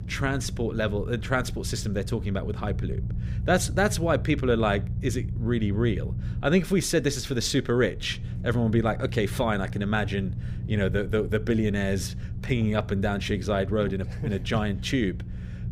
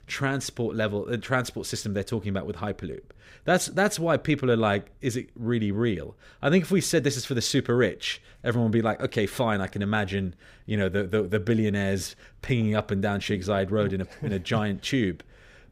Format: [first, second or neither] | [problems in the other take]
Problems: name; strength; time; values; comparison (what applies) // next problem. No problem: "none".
second | low rumble; noticeable; throughout; 20 dB below the speech